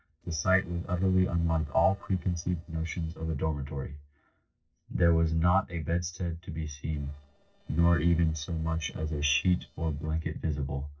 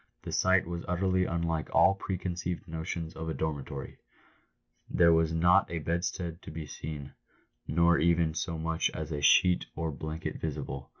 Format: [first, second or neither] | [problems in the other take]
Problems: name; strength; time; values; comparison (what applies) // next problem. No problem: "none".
second | noise reduction (neural separator model SepFormer DNS4)